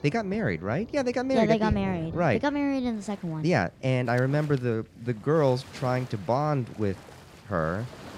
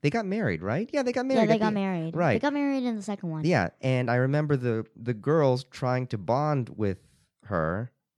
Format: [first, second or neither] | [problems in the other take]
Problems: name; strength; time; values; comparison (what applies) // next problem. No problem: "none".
second | rain or running water; noticeable; throughout; 15 dB below the speech